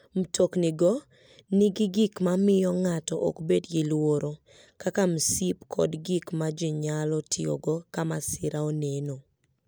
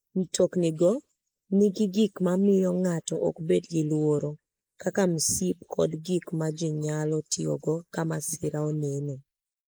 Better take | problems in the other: first | noise reduction (neural mask model Resemble Enhance denoiser)

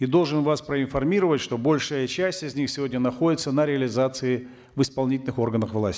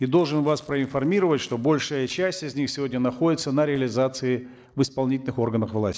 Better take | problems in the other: first | noise reduction (neural separator model SepFormer DNS4)

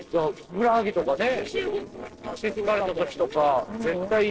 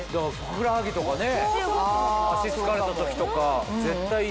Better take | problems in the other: second | noise reduction (neural separator model SepFormer DNS4)

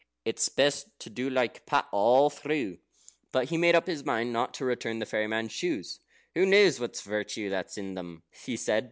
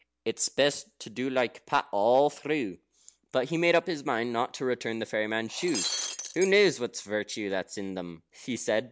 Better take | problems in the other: first | background sound (Shatter); 6 dB below the speech

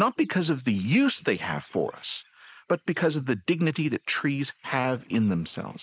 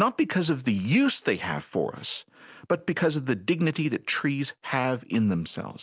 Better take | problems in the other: second | noise reduction (neural mask model Resemble Enhance denoiser)

